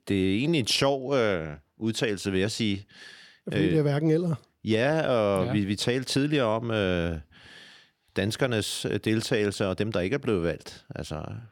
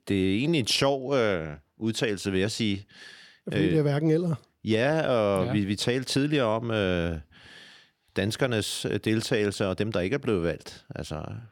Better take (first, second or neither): neither